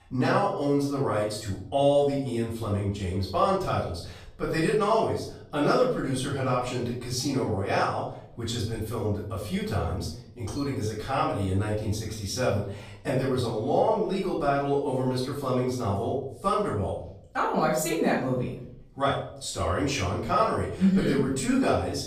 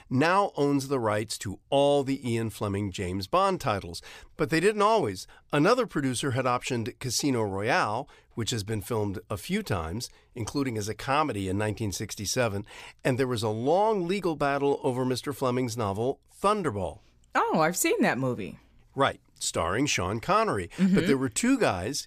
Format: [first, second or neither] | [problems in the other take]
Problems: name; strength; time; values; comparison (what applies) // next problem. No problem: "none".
second | off-mic speech; far // room echo; noticeable; dies away in 0.6 s